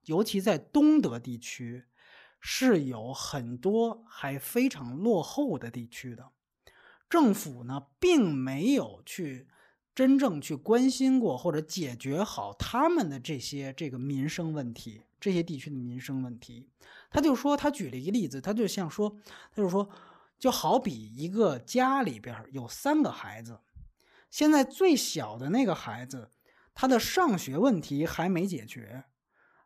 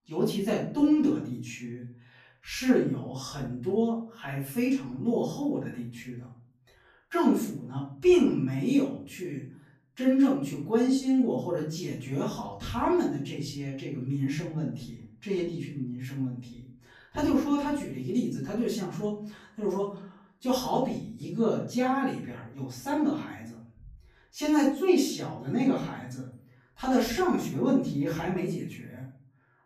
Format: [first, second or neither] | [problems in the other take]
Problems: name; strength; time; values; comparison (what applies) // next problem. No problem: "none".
first | room echo; noticeable; dies away in 0.6 s // off-mic speech; far